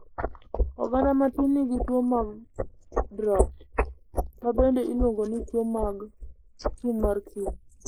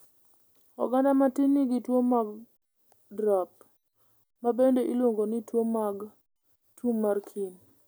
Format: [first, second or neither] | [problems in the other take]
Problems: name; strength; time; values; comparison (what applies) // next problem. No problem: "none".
second | noise reduction (neural mask model Resemble Enhance denoiser)